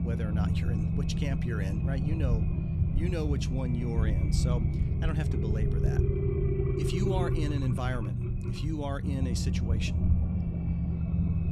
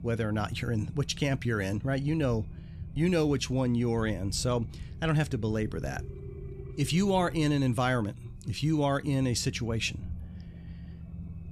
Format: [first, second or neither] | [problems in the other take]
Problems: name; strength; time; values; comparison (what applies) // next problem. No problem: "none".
second | low rumble; loud; throughout; 1 dB below the speech; faint in the second